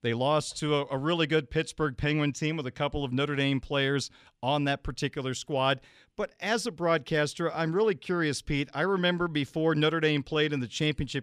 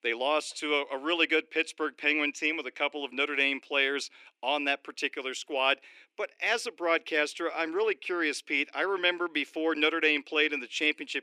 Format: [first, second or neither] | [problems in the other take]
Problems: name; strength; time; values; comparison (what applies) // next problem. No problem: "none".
first | thin; somewhat; fading below 300 Hz